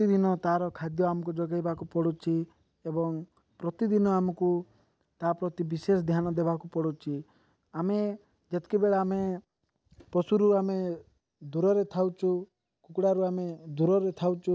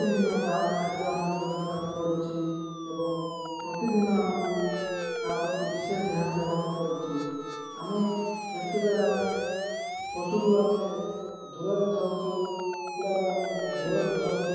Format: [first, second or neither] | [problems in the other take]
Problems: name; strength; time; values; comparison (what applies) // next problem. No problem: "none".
first | background sound (Siren); 6 dB below the speech // room echo; dies away in 1.9 s